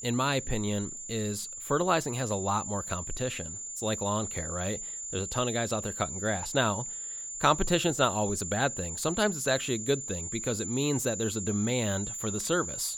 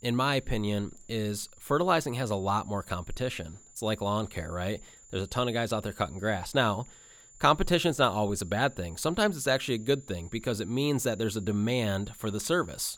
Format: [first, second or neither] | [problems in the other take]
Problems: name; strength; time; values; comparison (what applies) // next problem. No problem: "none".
second | high-pitched whine; loud; throughout; 7 kHz, 5 dB below the speech; faint in the second